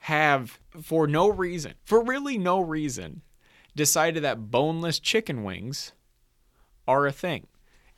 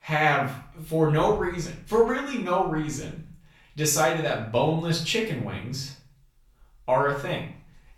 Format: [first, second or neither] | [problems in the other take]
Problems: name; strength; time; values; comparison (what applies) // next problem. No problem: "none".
first | room echo; slight; dies away in 0.4 s // off-mic speech; far